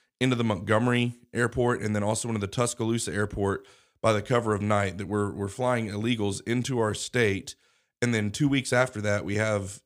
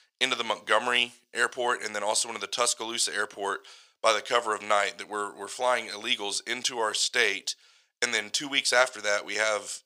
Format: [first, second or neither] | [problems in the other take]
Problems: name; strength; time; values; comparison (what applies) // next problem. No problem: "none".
first | thin; very; fading below 750 Hz